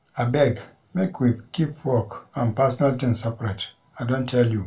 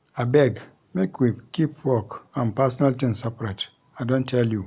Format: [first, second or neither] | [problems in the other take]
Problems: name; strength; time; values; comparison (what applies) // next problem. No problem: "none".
second | room echo; dies away in 0.2 s